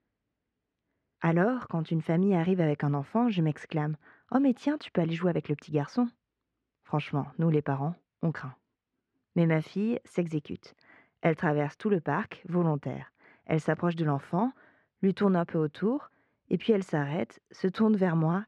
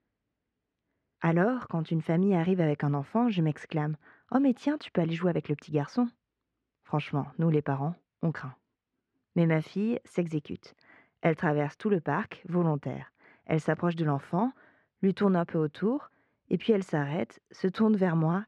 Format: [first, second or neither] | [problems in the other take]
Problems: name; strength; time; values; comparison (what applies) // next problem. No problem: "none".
neither | muffled; slightly; fading above 2.5 kHz; the same in both